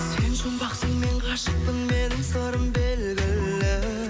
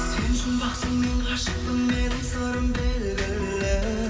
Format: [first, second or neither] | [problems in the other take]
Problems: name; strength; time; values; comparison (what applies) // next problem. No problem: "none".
first | room echo; dies away in 2.2 s